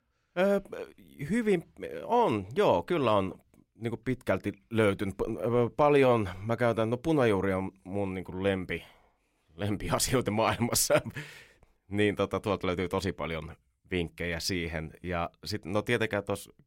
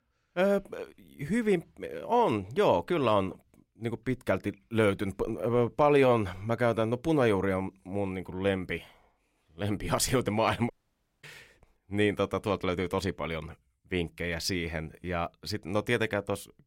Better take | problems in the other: first | audio cutting out; at 11 s for 0.5 s

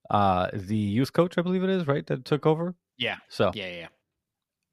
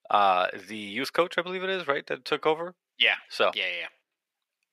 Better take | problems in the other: first | thin; very; fading below 500 Hz

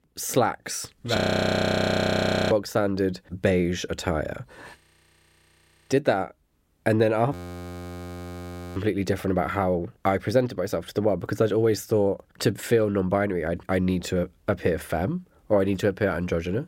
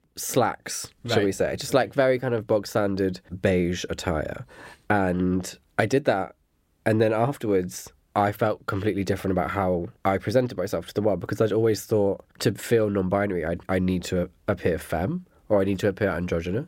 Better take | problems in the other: second | audio freezing; at 1 s for 1.5 s, at 5 s for 1 s and at 7.5 s for 1.5 s

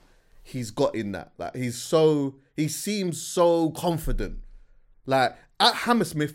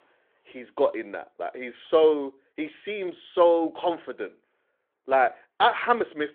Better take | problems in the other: first | phone-call audio; nothing above 3.5 kHz

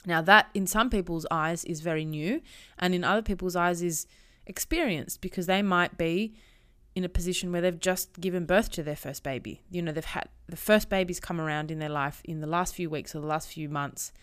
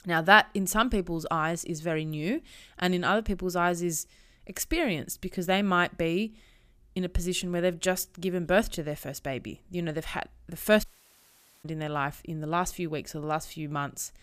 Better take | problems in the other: first | audio cutting out; at 11 s for 1 s

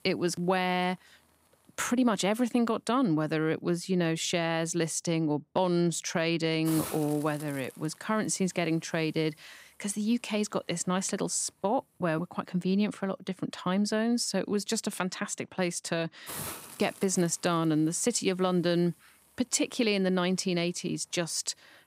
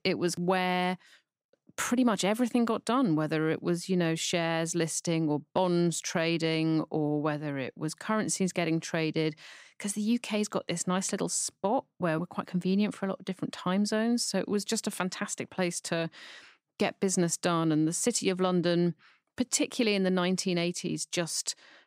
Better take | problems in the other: second | hiss; noticeable; throughout; 15 dB below the speech

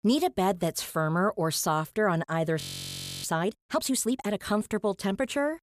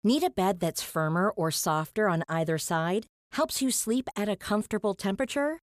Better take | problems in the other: second | audio freezing; at 2.5 s for 0.5 s

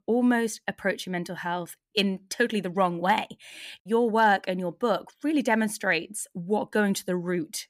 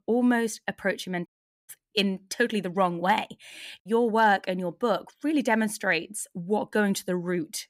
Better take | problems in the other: first | audio cutting out; at 1.5 s

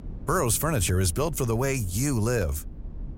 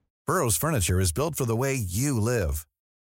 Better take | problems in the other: second | low rumble; faint; throughout; 25 dB below the speech

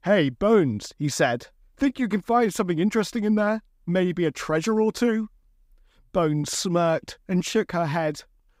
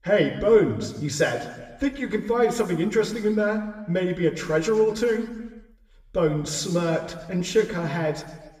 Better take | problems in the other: first | room echo; noticeable; dies away in 1.1 s // off-mic speech; somewhat distant

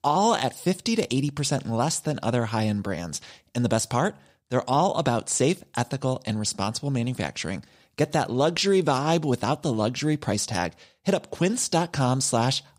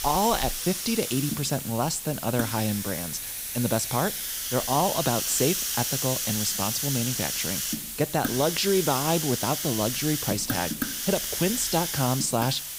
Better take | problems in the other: first | hiss; loud; throughout; 1 dB below the speech

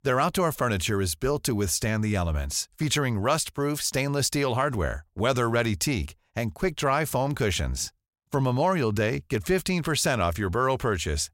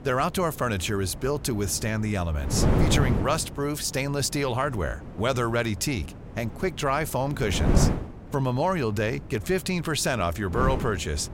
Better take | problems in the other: first | wind noise on the microphone; heavy; 8 dB below the speech

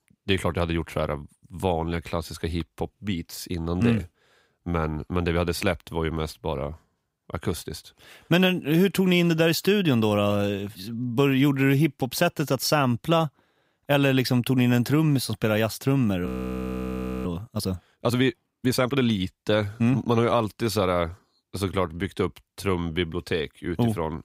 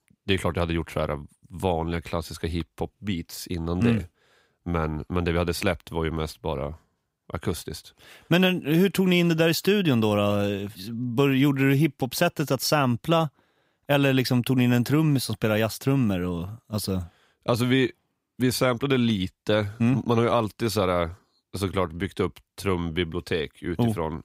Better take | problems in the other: second | audio freezing; at 16 s for 1 s

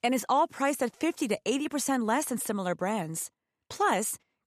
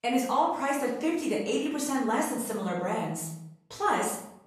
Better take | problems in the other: first | off-mic speech; far // room echo; noticeable; dies away in 0.7 s

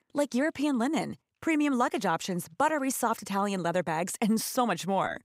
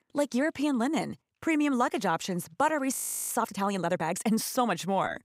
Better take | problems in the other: first | audio freezing; at 3 s

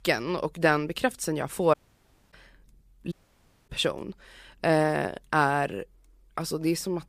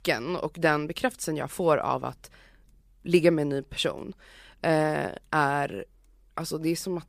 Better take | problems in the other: second | audio cutting out; at 1.5 s for 0.5 s and at 3 s for 0.5 s

